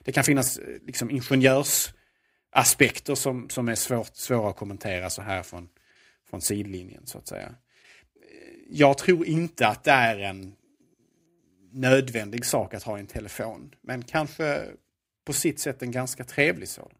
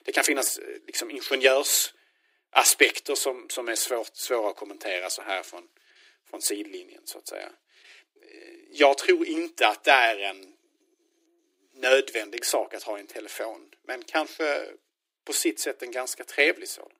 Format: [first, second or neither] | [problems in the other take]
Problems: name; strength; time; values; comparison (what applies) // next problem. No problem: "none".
first | thin; very; fading below 300 Hz